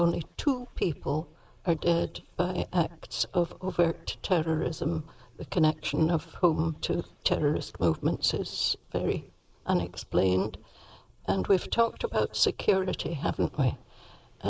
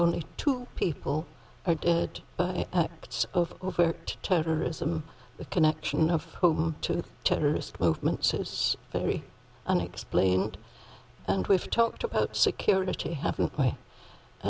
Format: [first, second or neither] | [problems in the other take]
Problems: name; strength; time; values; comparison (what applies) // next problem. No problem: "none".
second | noise reduction (neural mask model Resemble Enhance denoiser)